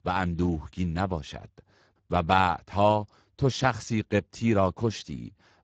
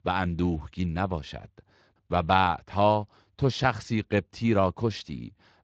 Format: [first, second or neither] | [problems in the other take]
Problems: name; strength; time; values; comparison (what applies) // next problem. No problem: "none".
second | garbled, watery; badly; nothing above 7.5 kHz; slightly in the second